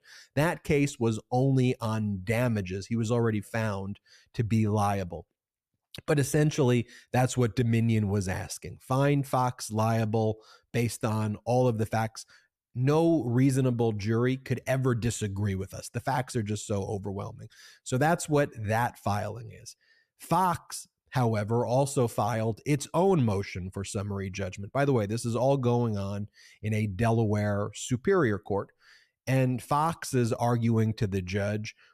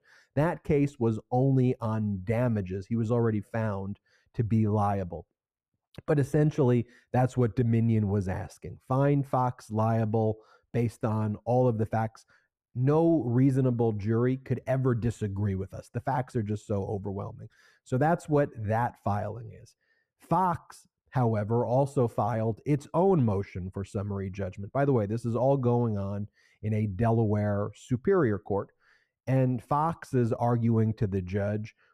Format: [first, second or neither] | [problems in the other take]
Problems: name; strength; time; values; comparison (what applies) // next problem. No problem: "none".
first | muffled; slightly; fading above 2 kHz